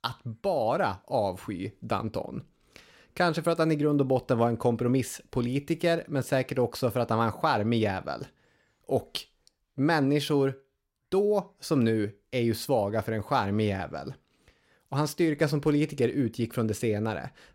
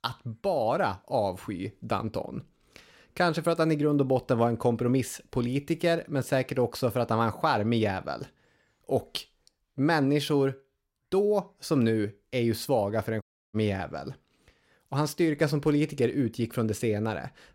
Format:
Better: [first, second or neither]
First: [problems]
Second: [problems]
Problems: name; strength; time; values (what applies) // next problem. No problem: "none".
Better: first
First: none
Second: audio cutting out; at 13 s